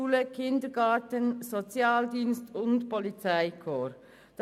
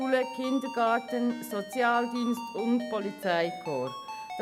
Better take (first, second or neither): first